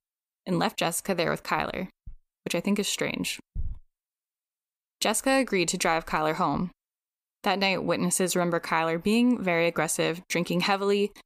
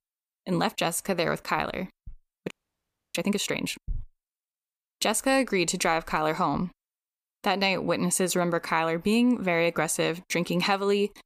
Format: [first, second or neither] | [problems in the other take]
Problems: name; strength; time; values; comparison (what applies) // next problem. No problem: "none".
first | audio freezing; at 2.5 s for 0.5 s